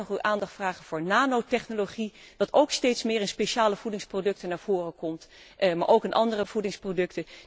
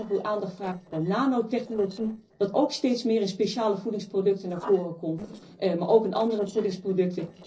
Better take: first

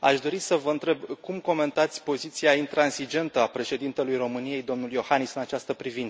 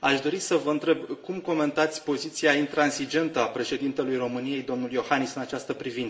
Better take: first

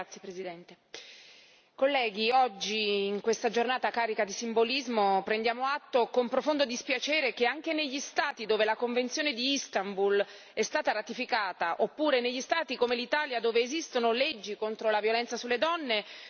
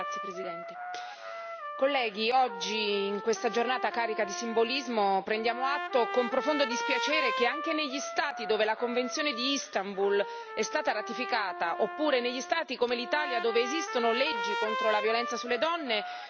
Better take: first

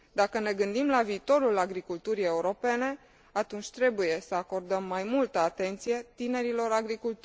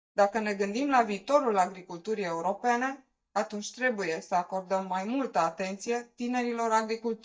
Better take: first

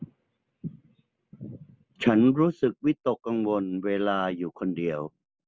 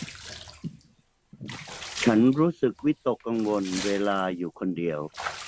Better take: first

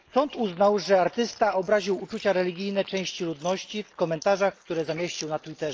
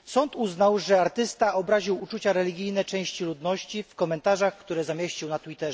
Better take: second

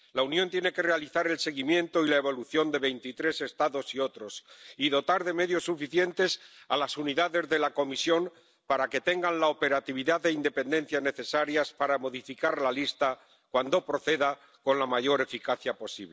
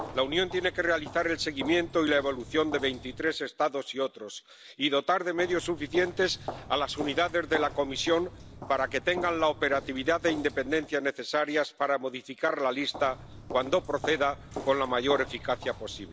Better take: first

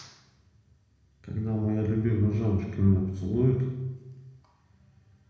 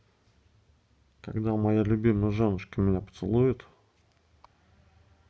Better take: second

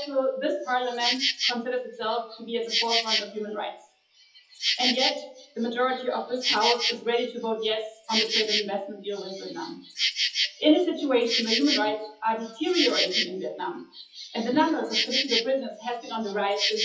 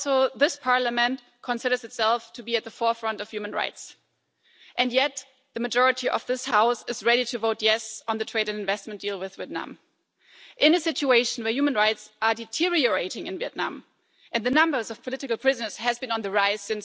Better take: second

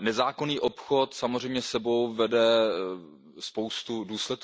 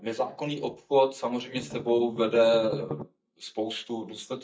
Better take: first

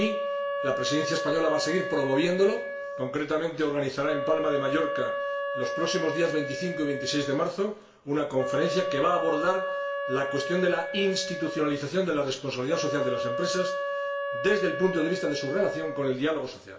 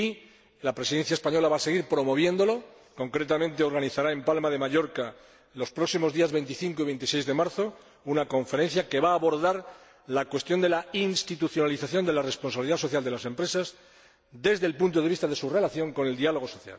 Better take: second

